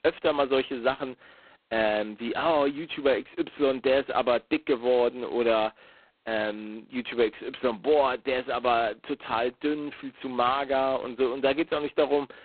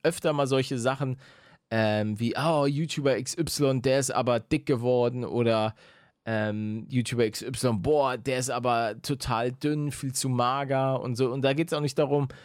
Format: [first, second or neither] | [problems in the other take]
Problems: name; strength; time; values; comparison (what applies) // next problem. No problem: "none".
second | phone-call audio; poor line; nothing above 4 kHz